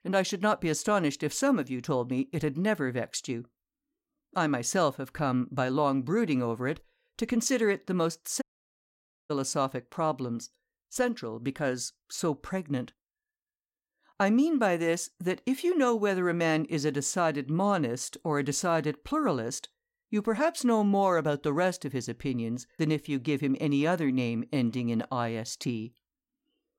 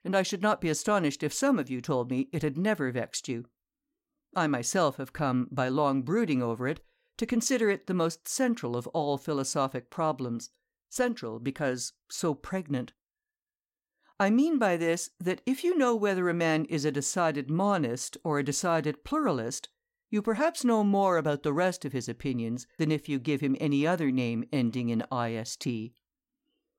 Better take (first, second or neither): second